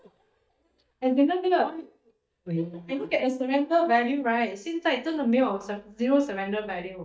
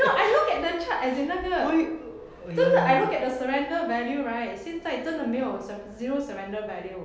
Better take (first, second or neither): second